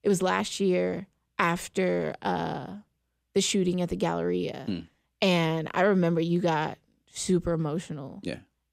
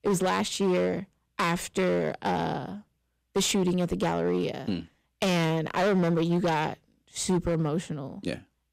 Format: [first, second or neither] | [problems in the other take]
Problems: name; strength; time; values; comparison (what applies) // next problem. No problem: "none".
first | distortion; slight; 12% of the sound clipped